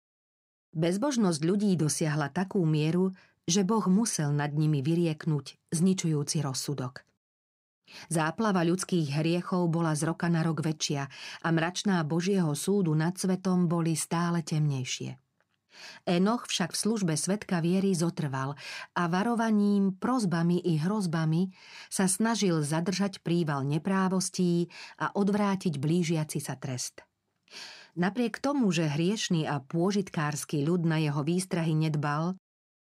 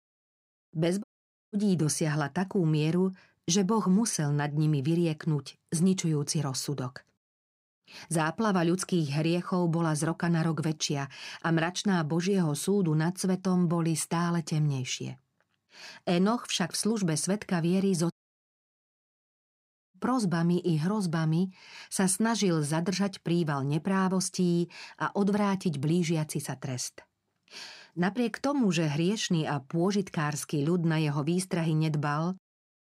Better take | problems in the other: first | audio cutting out; at 1 s and at 18 s for 2 s

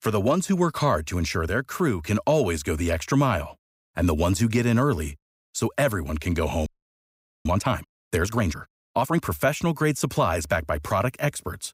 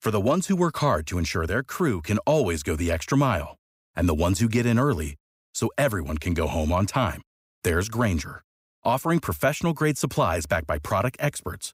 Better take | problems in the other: second | audio freezing; at 6.5 s for 1 s

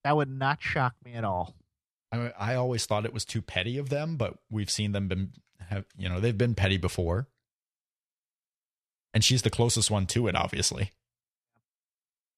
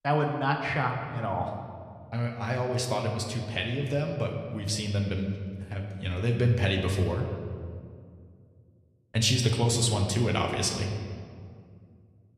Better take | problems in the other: first | room echo; slight; dies away in 1.7 s

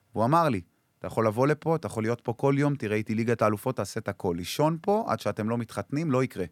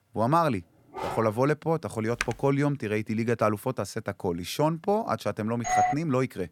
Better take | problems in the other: first | dog barking; noticeable; at 1 s; peak 8 dB below the speech // keyboard typing; noticeable; at 2 s; peak 6 dB below the speech // doorbell; loud; at 5.5 s; peak 3 dB above the speech

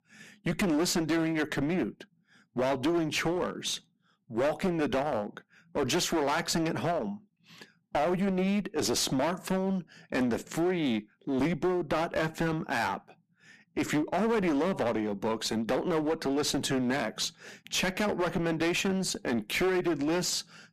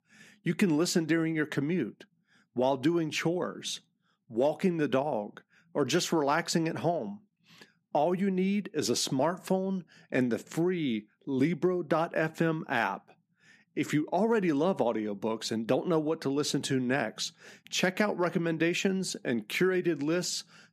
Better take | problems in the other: second | distortion; heavy; 16% of the sound clipped

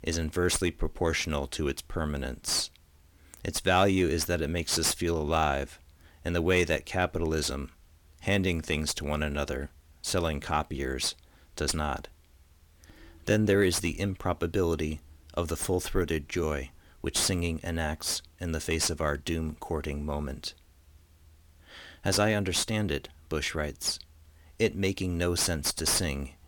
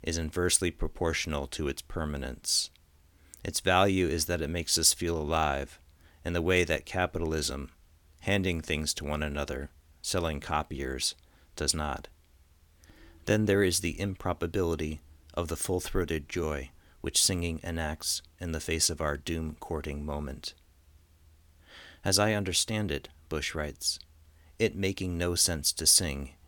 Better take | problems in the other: second | distortion; slight; 9 dB below the speech

